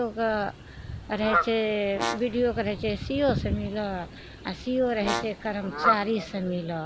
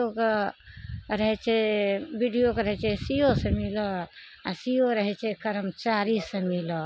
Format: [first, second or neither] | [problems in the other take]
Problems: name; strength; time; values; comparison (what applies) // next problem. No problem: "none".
second | background sound (Fowl + Brass instrument); 5 dB below the speech